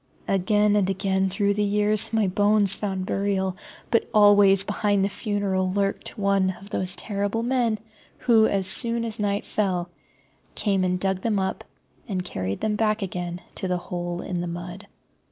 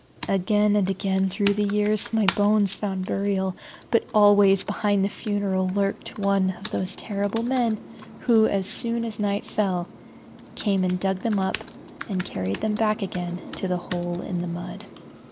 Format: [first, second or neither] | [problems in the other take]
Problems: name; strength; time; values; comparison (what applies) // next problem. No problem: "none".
first | background sound (Computer keyboard); 16 dB below the speech